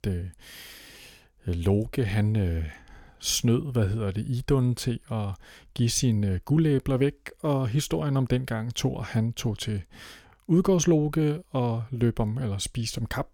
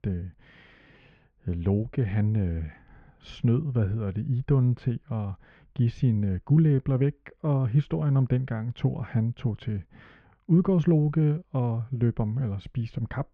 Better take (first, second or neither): first